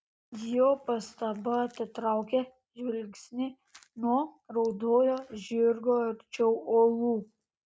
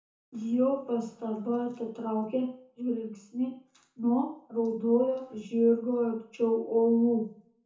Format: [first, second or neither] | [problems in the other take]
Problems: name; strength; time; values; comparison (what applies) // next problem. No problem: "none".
first | room echo; dies away in 0.6 s